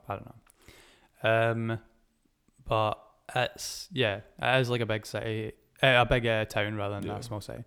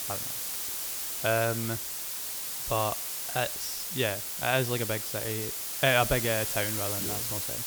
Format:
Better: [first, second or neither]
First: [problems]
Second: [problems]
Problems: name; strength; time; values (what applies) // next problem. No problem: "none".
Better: first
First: none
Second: hiss; loud; throughout; 1 dB below the speech